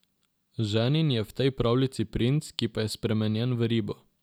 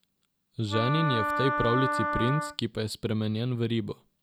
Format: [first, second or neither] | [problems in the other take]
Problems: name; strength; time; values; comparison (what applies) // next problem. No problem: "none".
first | background sound (Wind instrument, woodwind instrument); 1 dB below the speech